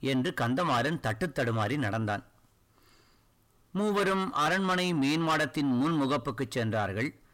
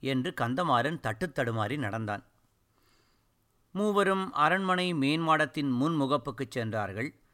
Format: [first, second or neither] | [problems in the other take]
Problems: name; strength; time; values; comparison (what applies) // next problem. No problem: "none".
second | distortion; heavy; 8 dB below the speech